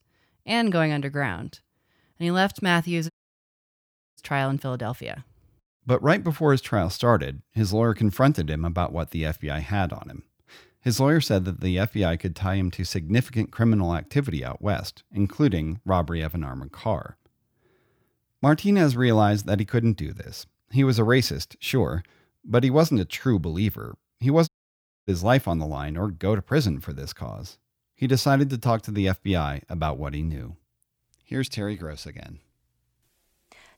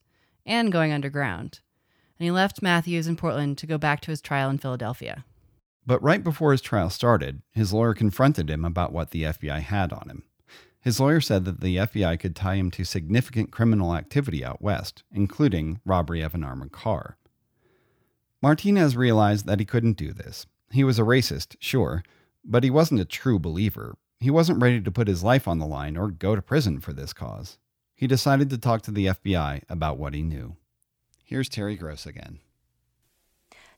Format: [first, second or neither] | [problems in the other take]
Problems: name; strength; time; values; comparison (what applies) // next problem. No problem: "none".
second | audio cutting out; at 3 s for 1 s and at 24 s for 0.5 s